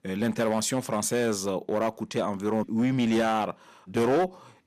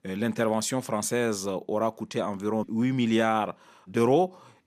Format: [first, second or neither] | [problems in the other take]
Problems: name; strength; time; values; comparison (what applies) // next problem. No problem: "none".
second | distortion; slight; 6% of the sound clipped